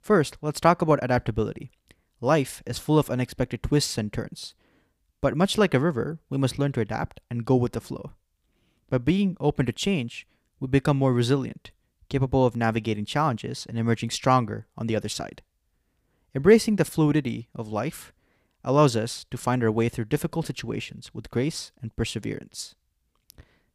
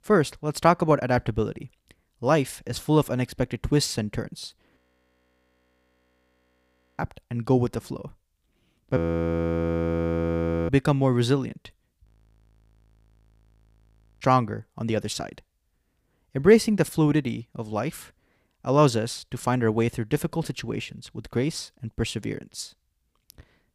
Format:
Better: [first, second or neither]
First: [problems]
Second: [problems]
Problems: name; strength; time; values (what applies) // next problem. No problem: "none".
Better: first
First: none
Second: audio freezing; at 5 s for 2 s, at 9 s for 1.5 s and at 12 s for 2 s